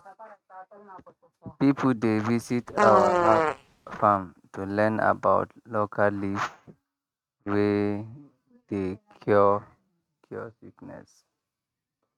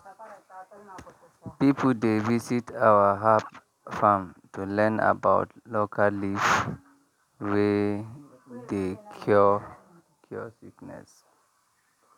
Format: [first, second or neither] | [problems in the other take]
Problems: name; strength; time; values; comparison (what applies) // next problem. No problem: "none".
second | noise reduction (neural mask model RNNoise)